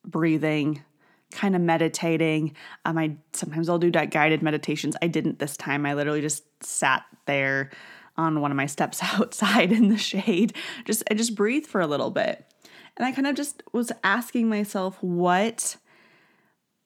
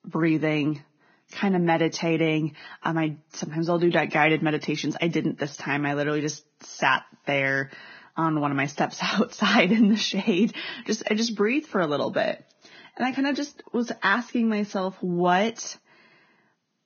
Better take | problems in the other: first | garbled, watery; badly; nothing above 6.5 kHz

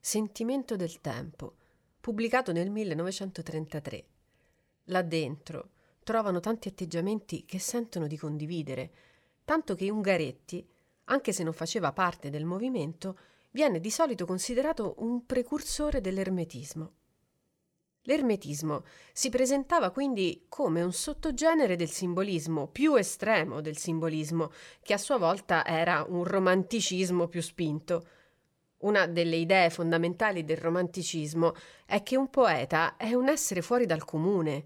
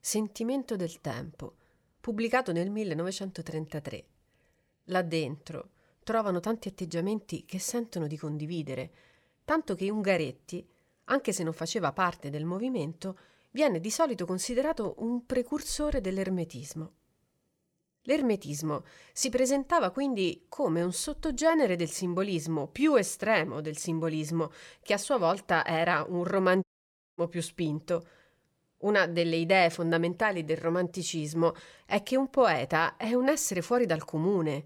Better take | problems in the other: first | audio cutting out; at 27 s for 0.5 s

